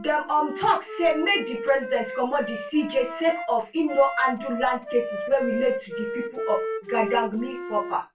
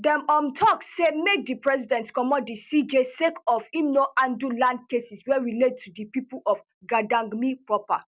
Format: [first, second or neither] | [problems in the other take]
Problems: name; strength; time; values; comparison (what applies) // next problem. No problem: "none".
second | background sound (Wind instrument, woodwind instrument); 8 dB below the speech // room echo; dies away in 0.2 s